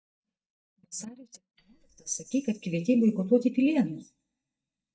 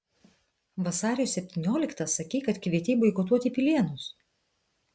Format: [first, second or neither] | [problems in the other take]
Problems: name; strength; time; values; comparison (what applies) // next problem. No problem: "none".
second | noise reduction (neural mask model DeepFilterNet 3)